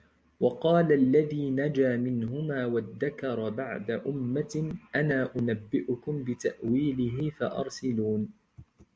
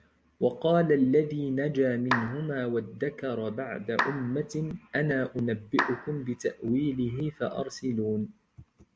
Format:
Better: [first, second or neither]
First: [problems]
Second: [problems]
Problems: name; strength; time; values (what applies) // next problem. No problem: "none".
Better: first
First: none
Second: background sound (Clapping); 5 dB below the speech